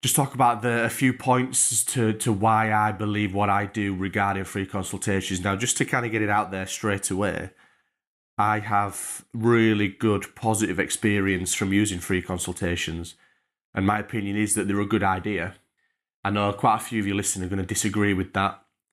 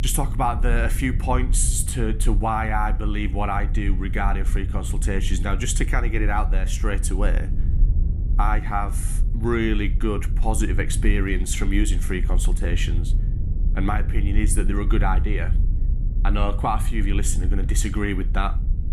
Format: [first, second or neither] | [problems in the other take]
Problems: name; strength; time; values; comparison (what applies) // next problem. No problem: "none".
first | low rumble; noticeable; throughout; 15 dB below the speech